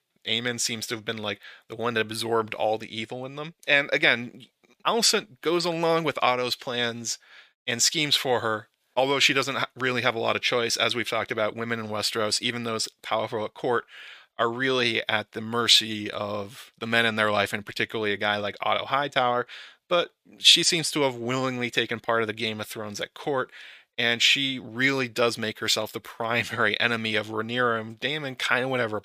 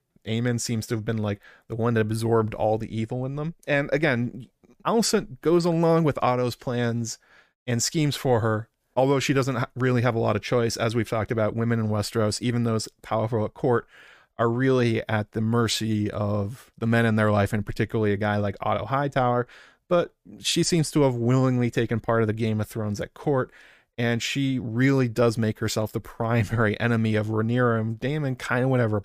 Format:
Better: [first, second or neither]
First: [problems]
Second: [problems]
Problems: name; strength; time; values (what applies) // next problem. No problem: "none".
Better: second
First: thin; somewhat; fading below 750 Hz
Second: none